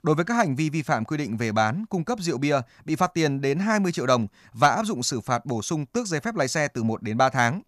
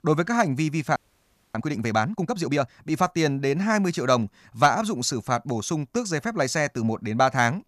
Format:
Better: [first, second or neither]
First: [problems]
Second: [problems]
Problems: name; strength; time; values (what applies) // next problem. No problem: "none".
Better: first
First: none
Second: audio freezing; at 1 s for 0.5 s